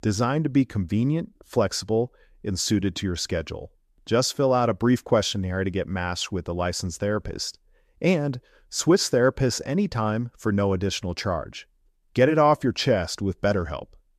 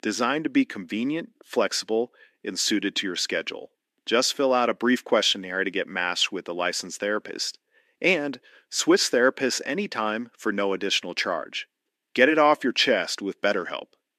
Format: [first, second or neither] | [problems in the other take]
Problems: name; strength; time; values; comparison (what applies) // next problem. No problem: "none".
first | thin; very slightly; fading below 250 Hz